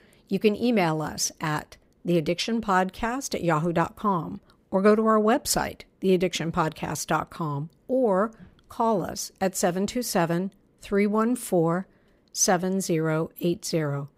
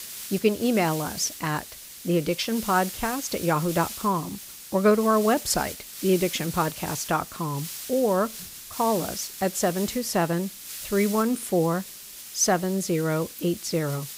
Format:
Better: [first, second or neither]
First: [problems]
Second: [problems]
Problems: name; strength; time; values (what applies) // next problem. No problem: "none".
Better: first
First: none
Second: hiss; noticeable; throughout; 10 dB below the speech